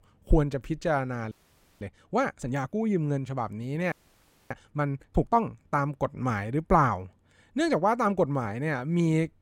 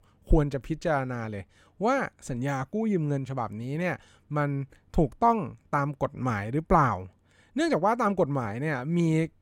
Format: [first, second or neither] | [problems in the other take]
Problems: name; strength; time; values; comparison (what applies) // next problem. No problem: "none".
second | audio freezing; at 1.5 s for 0.5 s and at 4 s for 0.5 s